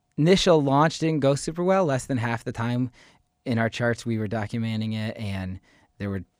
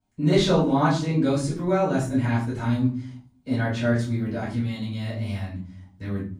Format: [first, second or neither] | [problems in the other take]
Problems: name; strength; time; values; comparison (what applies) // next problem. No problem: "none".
first | off-mic speech; far // room echo; noticeable; dies away in 0.5 s